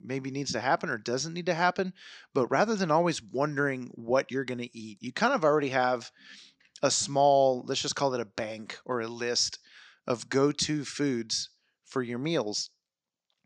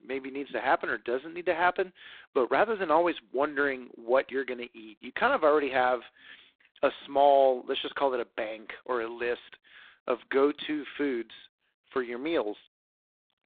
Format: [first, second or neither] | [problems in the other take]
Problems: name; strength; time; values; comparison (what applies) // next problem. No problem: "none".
first | phone-call audio; poor line; nothing above 3.5 kHz